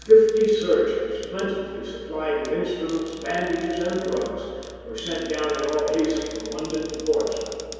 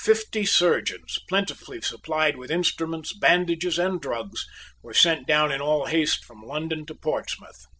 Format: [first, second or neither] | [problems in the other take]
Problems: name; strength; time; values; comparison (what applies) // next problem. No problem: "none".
second | background sound (Cupboard open or close); 20 dB below the speech // room echo; dies away in 2.2 s